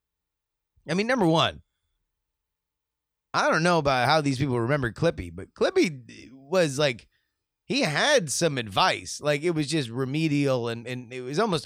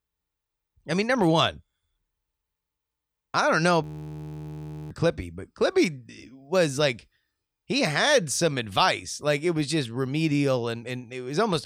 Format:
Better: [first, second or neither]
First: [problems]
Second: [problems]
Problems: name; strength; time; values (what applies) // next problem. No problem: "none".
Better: first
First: none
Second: audio freezing; at 4 s for 1 s